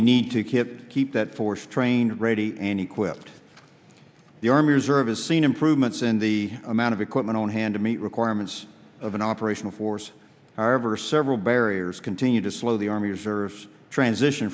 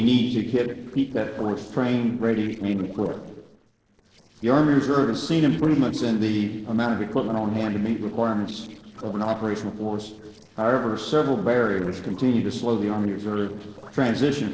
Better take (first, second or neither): first